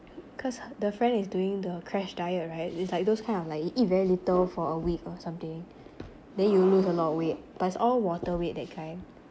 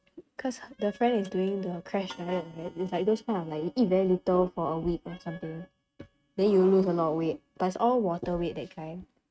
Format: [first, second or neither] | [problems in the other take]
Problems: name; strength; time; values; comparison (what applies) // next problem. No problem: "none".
first | noise reduction (neural mask model RNNoise)